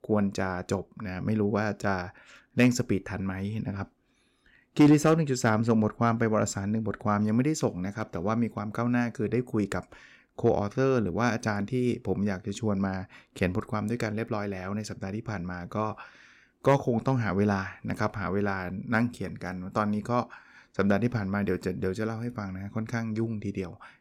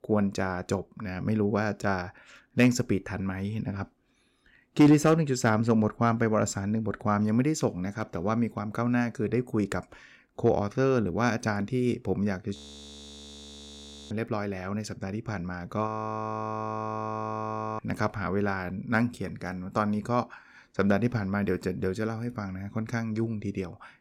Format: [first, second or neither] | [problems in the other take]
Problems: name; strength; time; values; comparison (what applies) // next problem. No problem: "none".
first | audio freezing; at 13 s for 1.5 s and at 16 s for 2 s